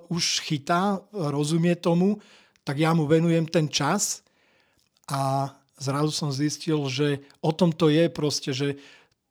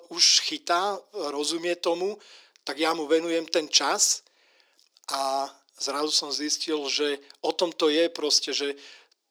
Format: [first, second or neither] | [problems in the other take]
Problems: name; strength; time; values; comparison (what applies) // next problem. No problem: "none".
first | thin; very; fading below 350 Hz